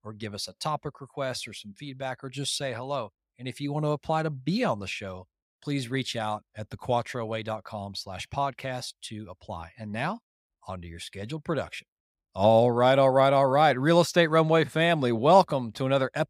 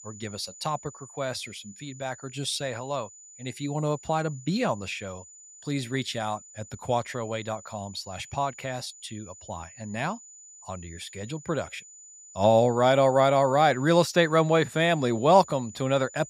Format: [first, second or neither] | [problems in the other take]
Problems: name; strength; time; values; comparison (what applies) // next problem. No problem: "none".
first | high-pitched whine; noticeable; throughout; 7 kHz, 20 dB below the speech